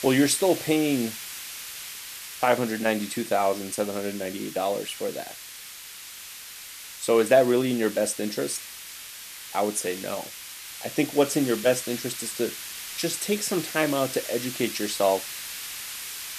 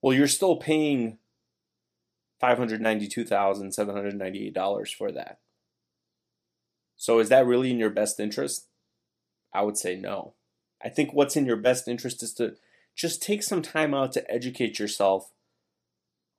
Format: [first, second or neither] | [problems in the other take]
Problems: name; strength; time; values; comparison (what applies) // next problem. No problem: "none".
second | hiss; loud; throughout; 10 dB below the speech